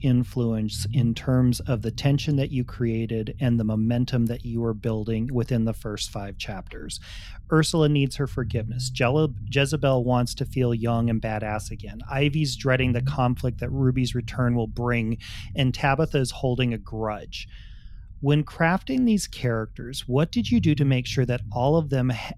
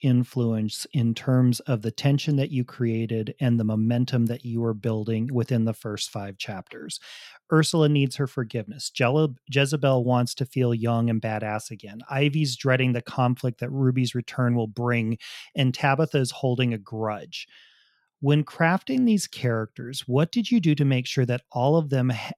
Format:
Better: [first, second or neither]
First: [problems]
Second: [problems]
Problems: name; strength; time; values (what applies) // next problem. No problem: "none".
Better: second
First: low rumble; faint; throughout; 20 dB below the speech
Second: none